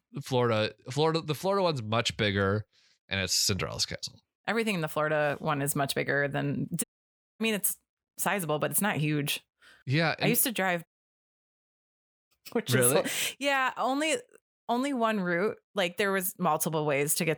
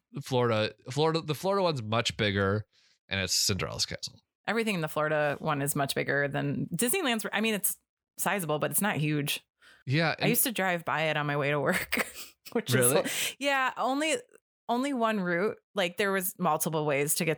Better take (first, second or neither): second